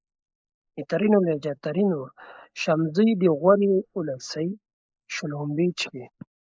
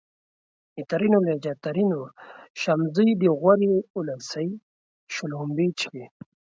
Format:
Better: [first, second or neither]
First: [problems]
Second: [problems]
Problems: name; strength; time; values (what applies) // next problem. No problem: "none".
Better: second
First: noise reduction (neural mask model Resemble Enhance denoiser)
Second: none